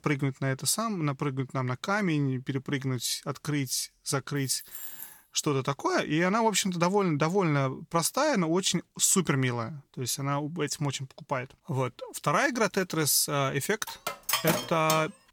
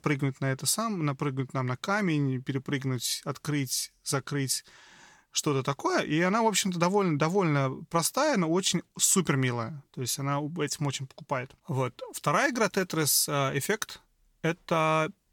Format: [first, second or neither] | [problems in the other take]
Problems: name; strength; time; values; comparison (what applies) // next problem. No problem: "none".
second | jangling keys; noticeable; at 4.5 s; peak 10 dB below the speech // clattering dishes; loud; from 14 s on; peak 1 dB above the speech